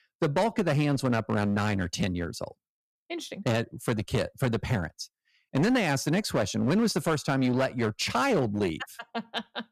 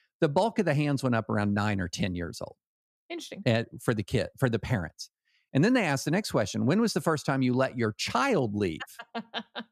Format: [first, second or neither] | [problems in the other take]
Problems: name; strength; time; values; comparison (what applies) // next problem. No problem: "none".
second | distortion; slight; 9% of the sound clipped